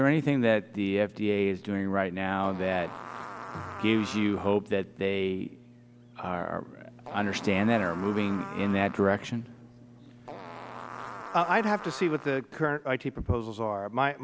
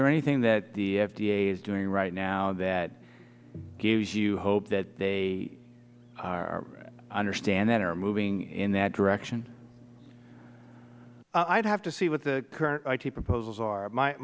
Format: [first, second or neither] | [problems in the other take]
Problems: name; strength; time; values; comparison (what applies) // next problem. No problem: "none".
second | background sound (Fart); 13 dB below the speech